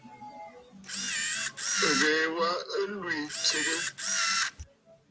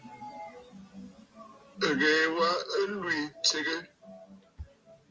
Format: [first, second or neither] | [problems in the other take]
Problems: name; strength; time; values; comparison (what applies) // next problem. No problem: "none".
second | background sound (Camera); 2 dB above the speech